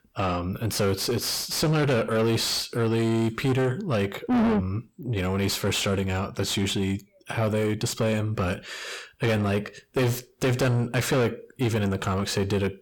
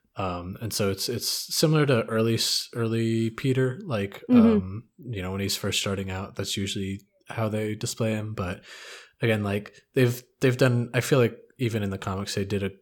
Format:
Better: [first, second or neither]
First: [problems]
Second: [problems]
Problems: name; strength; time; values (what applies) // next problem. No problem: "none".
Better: second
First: distortion; heavy; 6 dB below the speech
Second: none